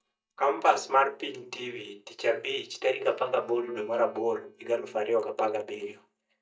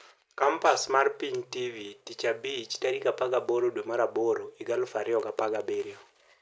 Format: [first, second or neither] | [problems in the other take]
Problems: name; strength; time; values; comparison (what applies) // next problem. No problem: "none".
second | noise reduction (neural mask model DeepFilterNet 3)